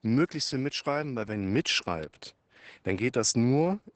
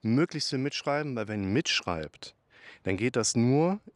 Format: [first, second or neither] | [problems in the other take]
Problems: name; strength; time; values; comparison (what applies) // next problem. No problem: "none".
second | garbled, watery; badly; nothing above 8 kHz